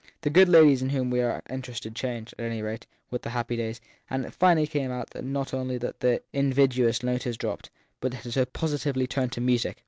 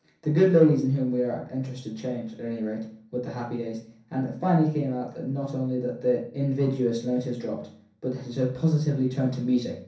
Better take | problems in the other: first | room echo; dies away in 0.6 s

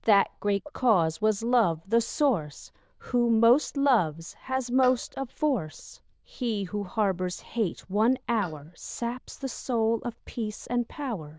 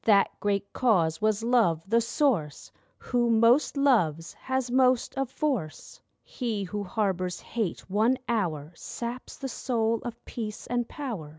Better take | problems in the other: second | noise reduction (neural diffusion model UNIVERSE++)

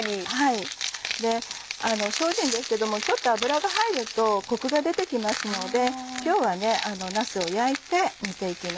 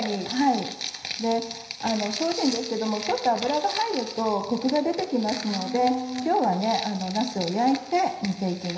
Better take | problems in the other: first | room echo; dies away in 0.9 s

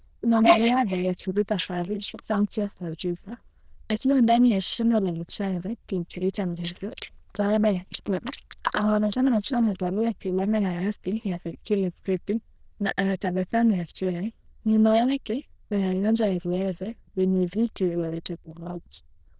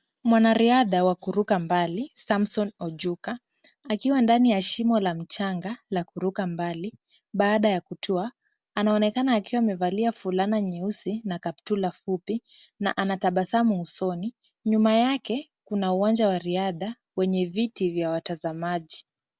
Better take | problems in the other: second | noise reduction (neural diffusion model UNIVERSE++)

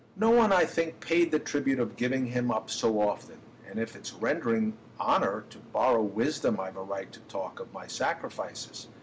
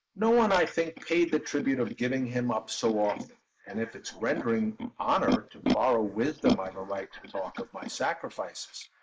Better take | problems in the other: first | noise reduction (neural mask model Resemble Enhance denoiser)

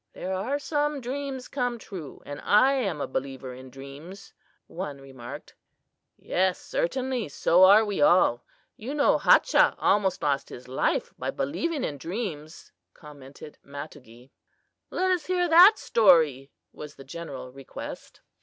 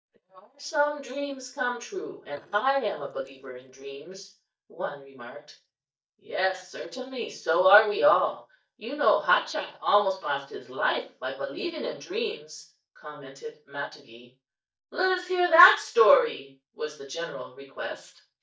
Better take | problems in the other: first | noise reduction (neural mask model DeepFilterNet 3)

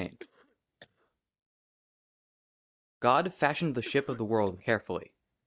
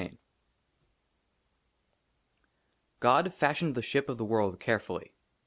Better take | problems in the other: second | noise reduction (neural mask model DeepFilterNet 3)

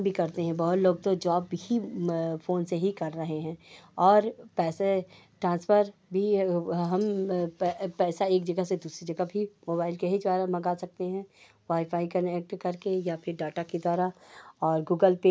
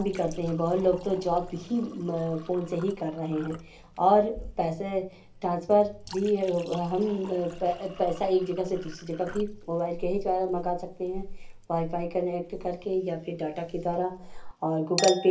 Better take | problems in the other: first | background sound (Chink, clink); 13 dB below the speech // room echo; dies away in 0.3 s

